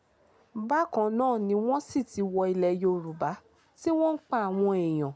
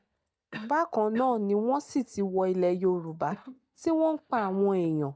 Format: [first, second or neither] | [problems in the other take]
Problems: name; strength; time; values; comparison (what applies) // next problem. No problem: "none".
first | noise reduction (neural mask model DeepFilterNet 3)